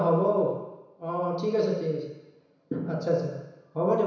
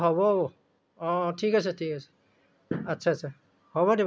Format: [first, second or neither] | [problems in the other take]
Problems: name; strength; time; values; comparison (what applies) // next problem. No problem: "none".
second | room echo; dies away in 1 s